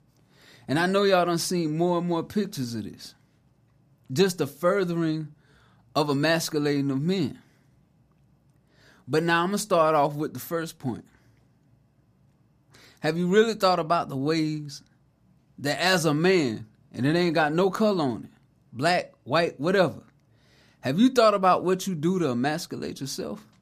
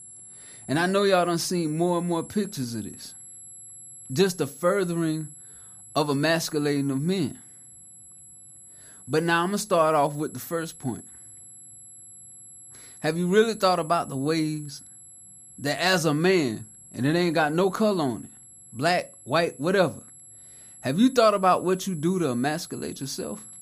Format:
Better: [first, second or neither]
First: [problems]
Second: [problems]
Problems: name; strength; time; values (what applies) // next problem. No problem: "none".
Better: first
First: none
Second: high-pitched whine; noticeable; throughout; 11 kHz, 20 dB below the speech